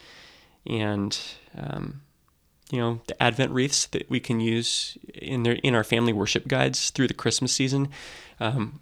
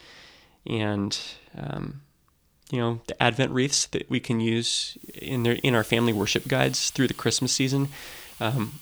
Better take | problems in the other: first | hiss; noticeable; from 5 s on; 20 dB below the speech

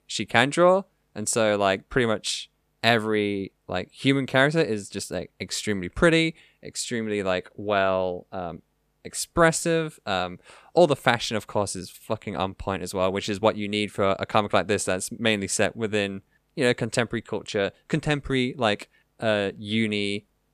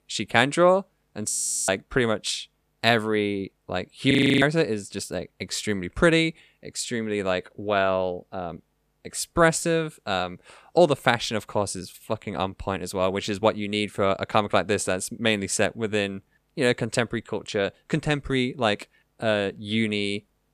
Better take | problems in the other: first | audio freezing; at 1.5 s and at 4 s

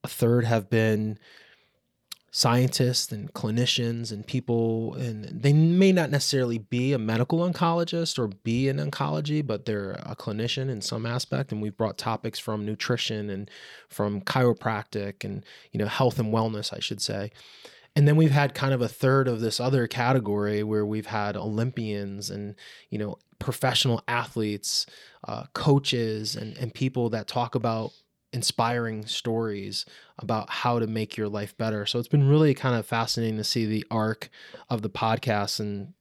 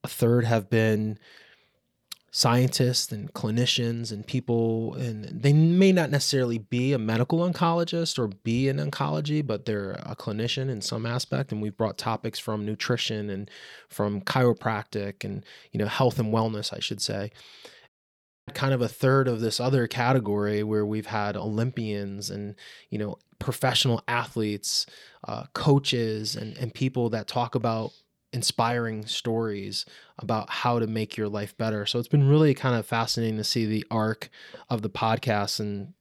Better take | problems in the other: first | audio cutting out; at 18 s for 0.5 s

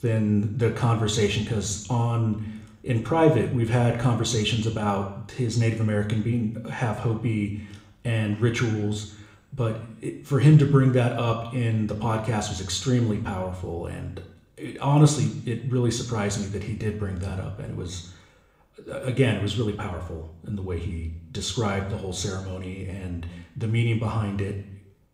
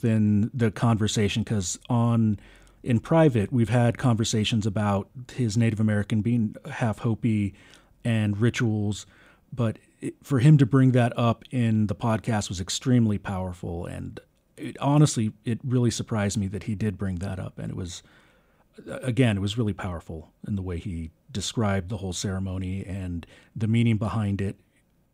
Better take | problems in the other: second | room echo; slight; dies away in 0.7 s

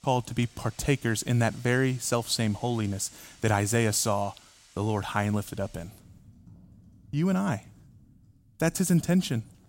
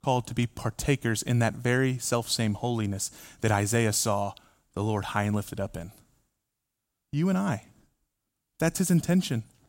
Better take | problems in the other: second | household noises; faint; throughout; 25 dB below the speech

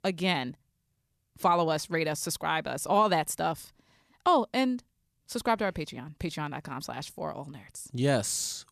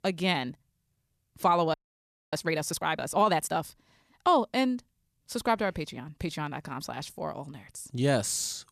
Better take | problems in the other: first | audio freezing; at 1.5 s for 0.5 s

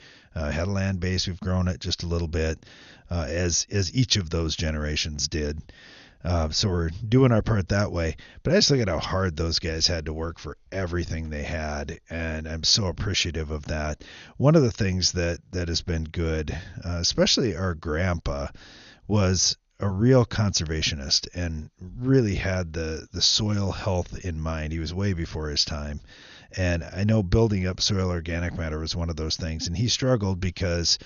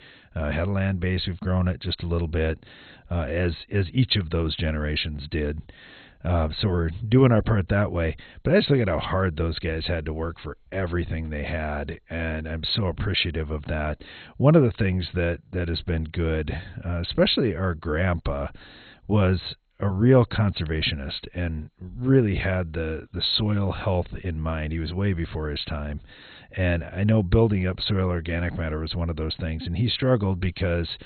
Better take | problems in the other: first | garbled, watery; badly; nothing above 4 kHz; slightly in the first

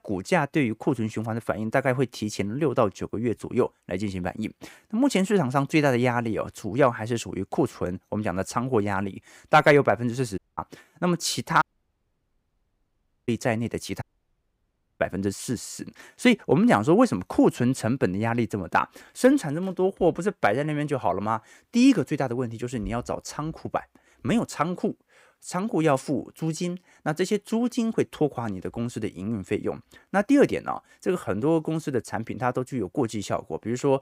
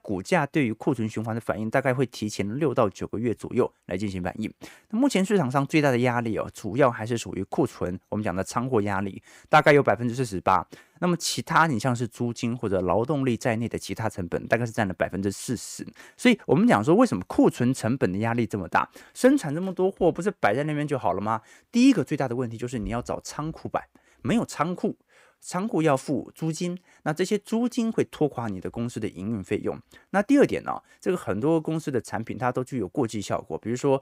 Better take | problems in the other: second | audio cutting out; at 10 s, at 12 s for 1.5 s and at 14 s for 1 s

